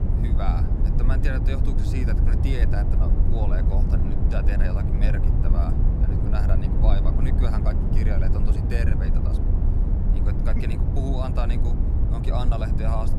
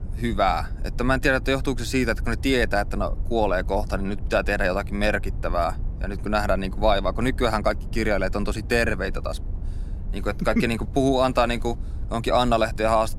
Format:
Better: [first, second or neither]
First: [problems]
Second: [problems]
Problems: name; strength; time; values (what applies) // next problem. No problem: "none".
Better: second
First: low rumble; loud; throughout; 1 dB below the speech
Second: low rumble; faint; throughout; 25 dB below the speech